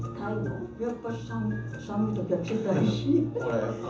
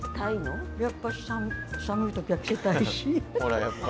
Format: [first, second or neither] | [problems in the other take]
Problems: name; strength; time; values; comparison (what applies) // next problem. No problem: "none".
second | room echo; dies away in 0.7 s